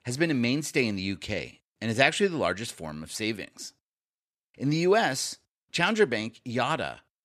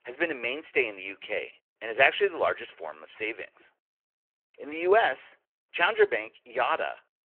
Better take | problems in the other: first | phone-call audio

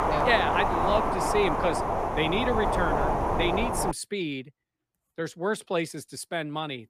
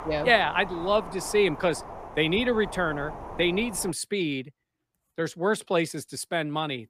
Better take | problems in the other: second | wind noise on the microphone; heavy; until 4 s; 3 dB above the speech; occasional gusts in the second

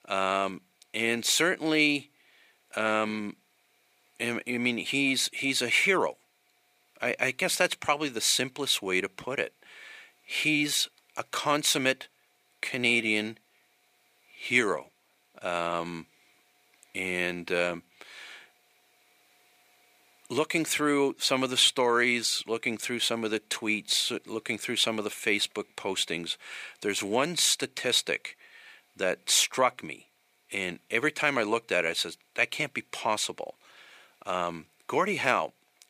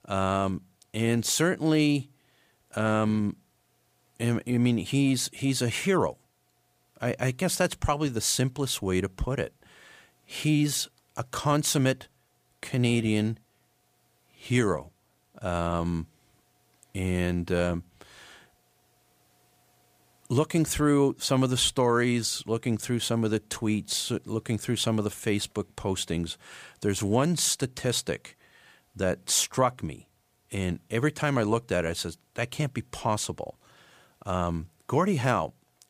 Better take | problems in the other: second | thin; somewhat; fading below 300 Hz

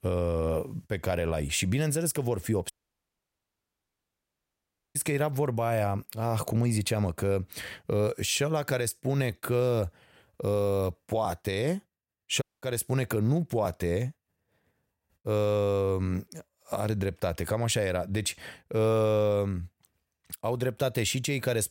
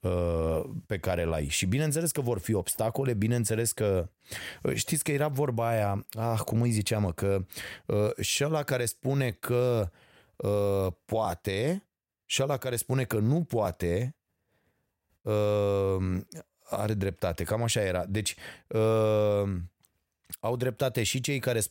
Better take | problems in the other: second | audio cutting out; at 2.5 s for 2.5 s and at 12 s

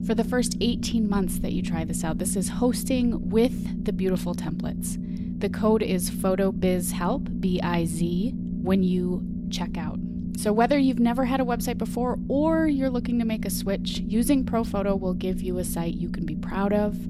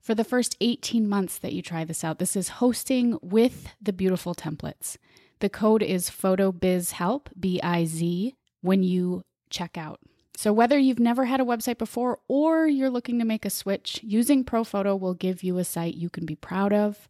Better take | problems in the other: second | low rumble; loud; throughout; 10 dB below the speech

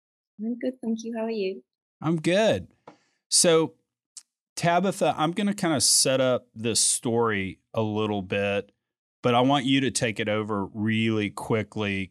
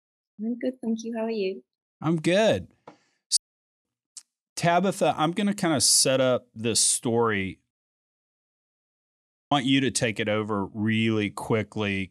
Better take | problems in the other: first | audio cutting out; at 3.5 s and at 7.5 s for 2 s

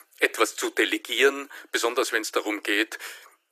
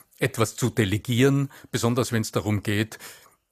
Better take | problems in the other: second | thin; very; fading below 300 Hz

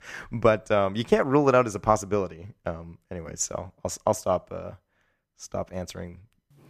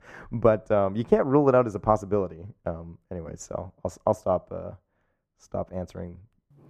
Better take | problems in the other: first | muffled; slightly; fading above 1.5 kHz

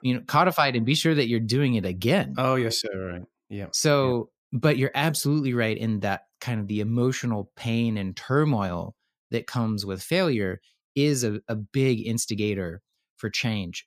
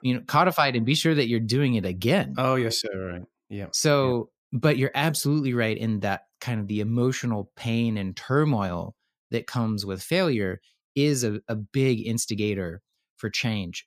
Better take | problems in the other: neither | none

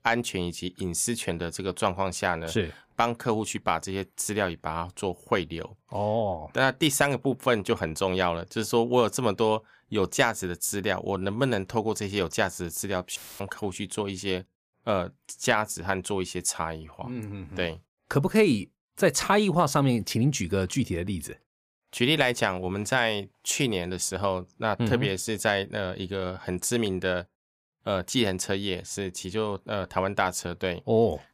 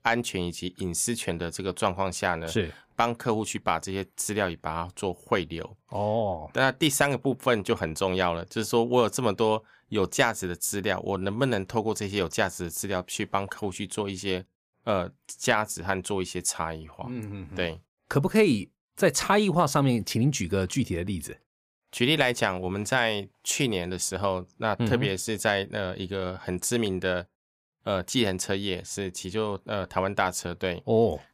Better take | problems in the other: second | audio cutting out; filled with static; at 13 s

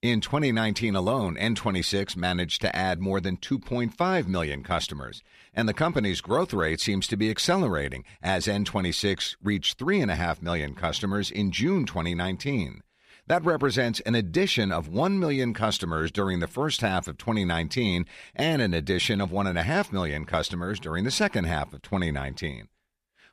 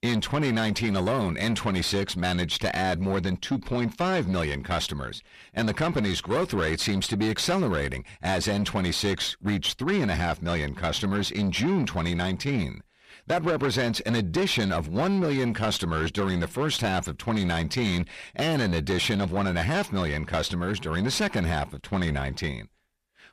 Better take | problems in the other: first | distortion; slight; 10 dB below the speech

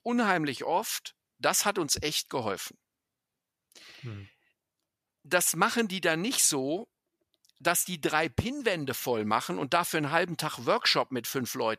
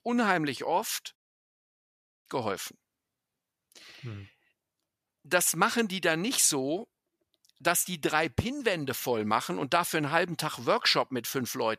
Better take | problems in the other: first | audio cutting out; at 1 s for 1 s

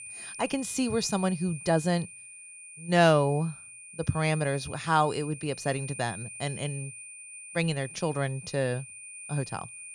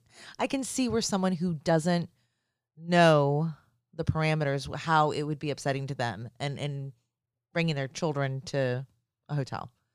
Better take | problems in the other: second | high-pitched whine; noticeable; throughout; 2.5 kHz, 15 dB below the speech

